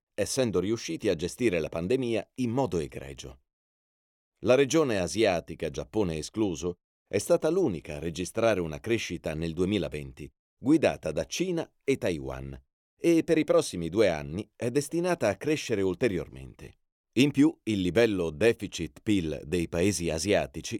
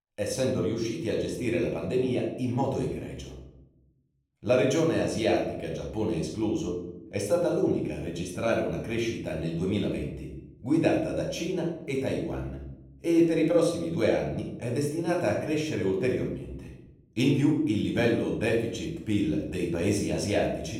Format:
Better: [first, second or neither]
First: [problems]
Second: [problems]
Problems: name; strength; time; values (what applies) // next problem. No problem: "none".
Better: first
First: none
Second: off-mic speech; somewhat distant // room echo; noticeable; dies away in 0.7 s